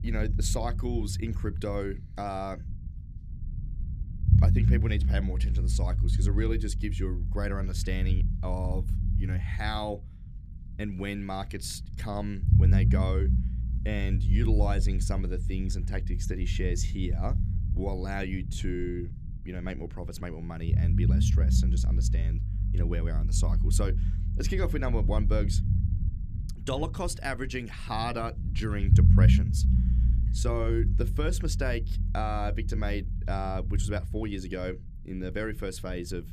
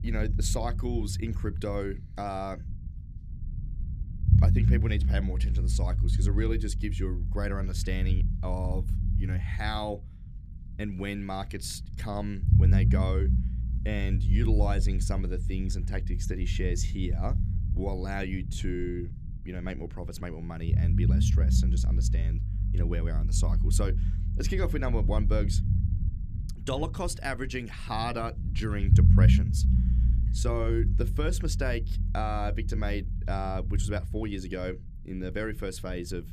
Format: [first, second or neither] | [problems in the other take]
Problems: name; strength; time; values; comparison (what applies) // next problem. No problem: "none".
neither | low rumble; loud; throughout; 7 dB below the speech; the same in both